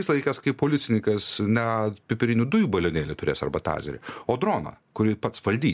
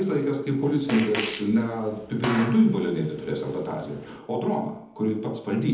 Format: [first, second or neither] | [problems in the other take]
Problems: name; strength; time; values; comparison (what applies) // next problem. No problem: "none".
first | background sound (Fart); 11 dB below the speech // room echo; dies away in 1 s